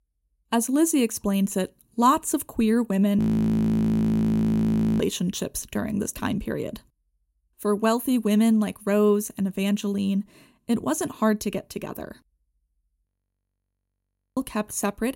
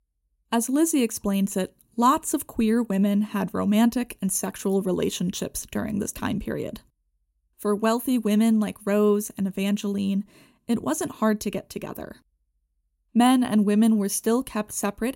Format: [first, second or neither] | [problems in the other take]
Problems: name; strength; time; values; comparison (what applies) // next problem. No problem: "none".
second | audio freezing; at 3 s for 2 s and at 13 s for 1.5 s